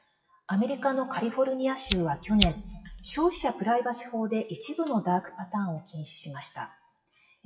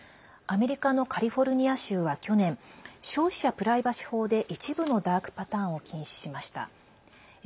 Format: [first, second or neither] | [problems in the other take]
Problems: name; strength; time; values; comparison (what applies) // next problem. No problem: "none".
second | noise reduction (classical method WPE with log-MMSE)